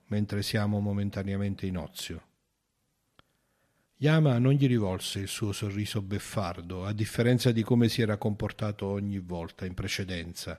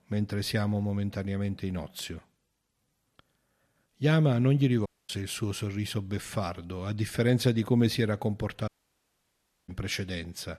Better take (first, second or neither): first